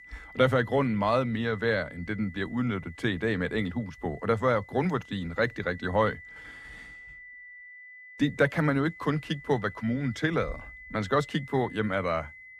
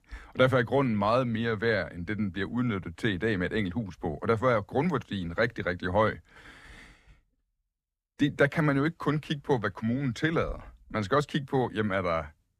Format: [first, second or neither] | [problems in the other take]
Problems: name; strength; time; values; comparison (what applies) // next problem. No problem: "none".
second | high-pitched whine; noticeable; throughout; 2 kHz, 20 dB below the speech